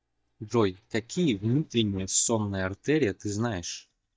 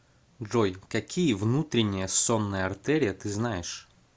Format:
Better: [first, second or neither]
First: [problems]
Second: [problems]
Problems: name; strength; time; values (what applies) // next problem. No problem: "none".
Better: second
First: noise reduction (neural mask model DeepFilterNet 3)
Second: none